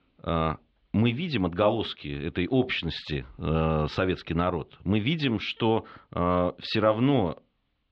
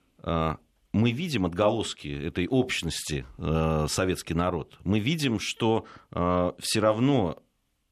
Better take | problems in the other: second | muffled; slightly; fading above 4 kHz

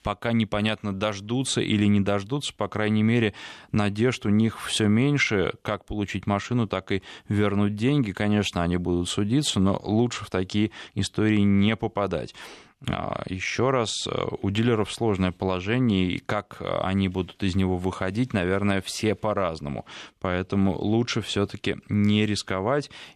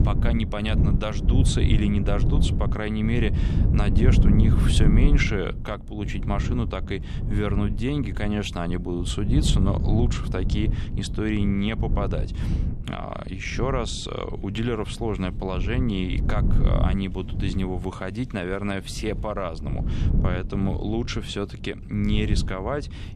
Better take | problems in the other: first | wind noise on the microphone; heavy; 7 dB below the speech

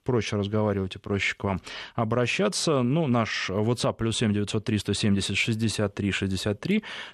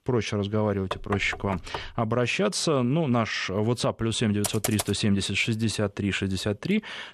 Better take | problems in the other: first | door banging; noticeable; from 1 to 2 s; peak 8 dB below the speech // keyboard typing; noticeable; at 4.5 s; peak 4 dB below the speech

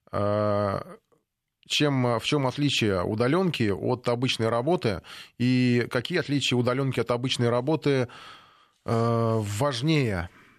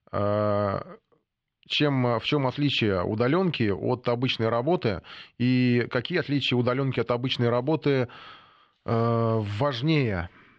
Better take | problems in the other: first | muffled; very slightly; fading above 4 kHz

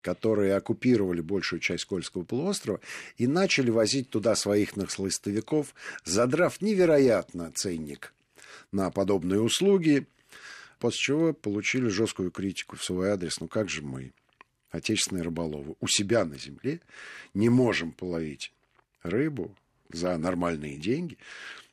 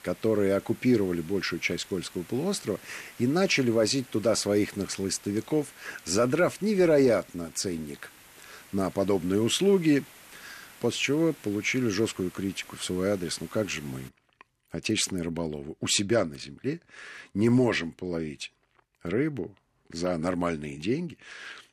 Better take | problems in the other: first | hiss; faint; until 14 s; 20 dB below the speech

